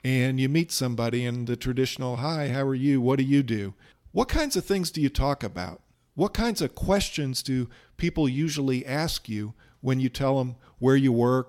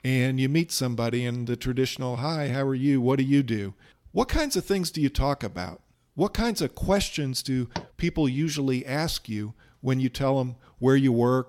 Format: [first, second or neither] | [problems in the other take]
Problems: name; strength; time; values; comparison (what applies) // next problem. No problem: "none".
first | door banging; faint; at 8 s; peak 10 dB below the speech